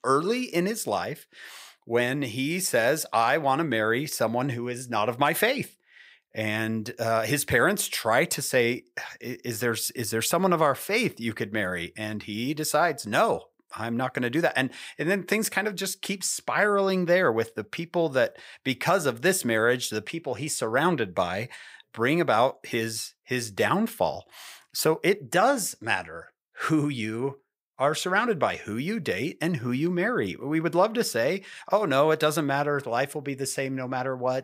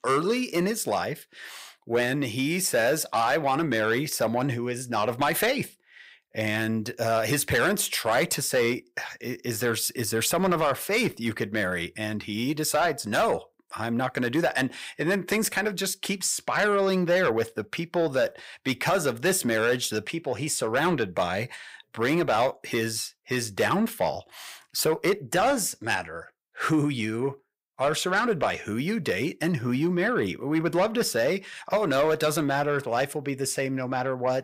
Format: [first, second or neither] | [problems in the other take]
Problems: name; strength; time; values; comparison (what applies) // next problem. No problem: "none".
first | distortion; slight; 10 dB below the speech